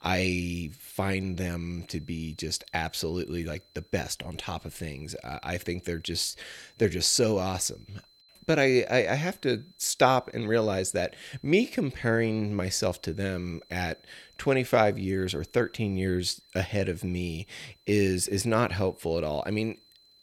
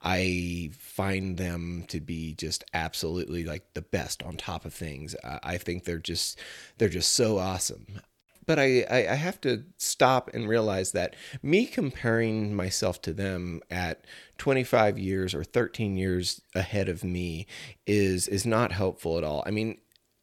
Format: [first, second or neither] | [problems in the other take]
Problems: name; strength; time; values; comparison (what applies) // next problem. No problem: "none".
second | high-pitched whine; faint; throughout; 4 kHz, 30 dB below the speech